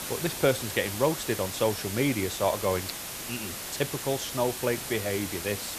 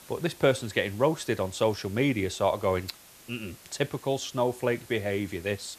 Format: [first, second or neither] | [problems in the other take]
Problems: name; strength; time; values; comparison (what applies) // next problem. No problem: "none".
second | hiss; loud; throughout; 5 dB below the speech; faint in the second